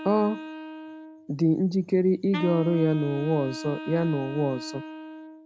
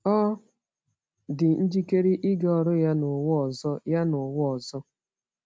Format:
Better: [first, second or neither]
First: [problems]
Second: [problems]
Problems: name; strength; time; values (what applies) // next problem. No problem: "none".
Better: second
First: background sound (Wind instrument, woodwind instrument); 12 dB below the speech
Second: none